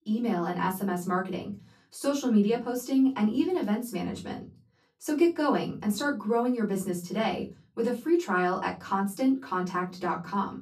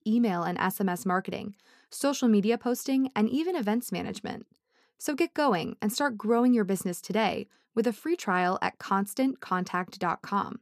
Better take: second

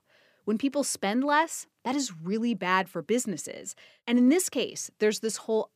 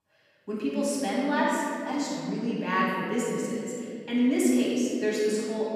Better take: first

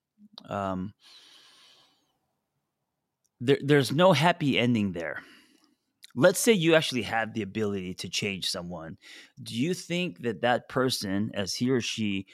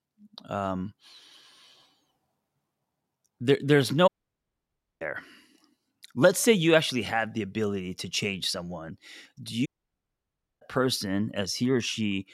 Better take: first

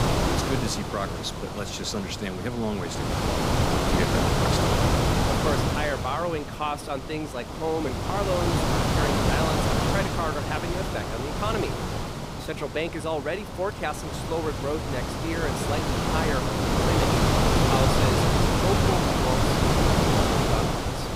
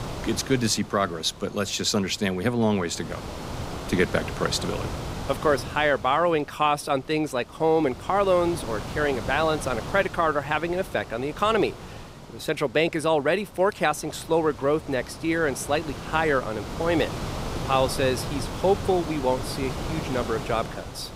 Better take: second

